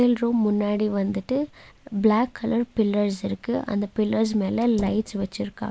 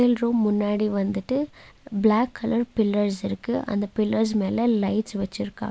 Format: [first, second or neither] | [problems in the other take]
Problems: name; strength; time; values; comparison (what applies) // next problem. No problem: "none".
second | noise reduction (neural mask model Resemble Enhance denoiser)